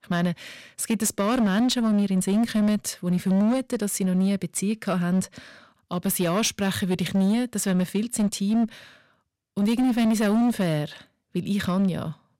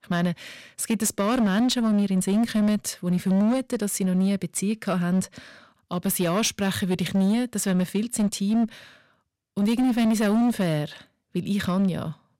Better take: neither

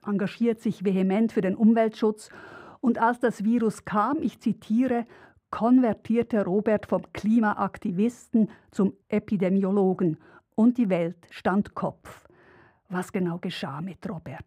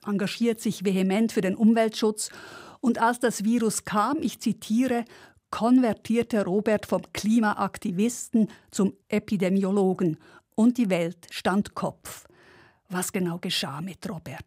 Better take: second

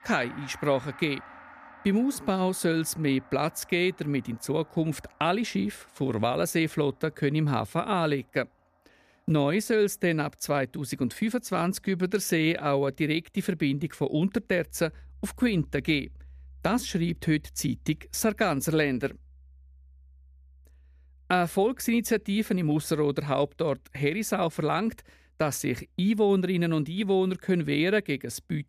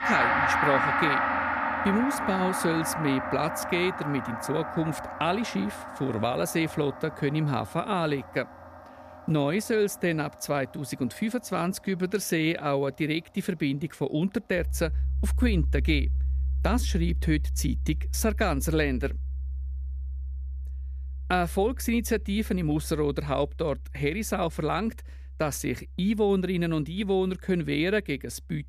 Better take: first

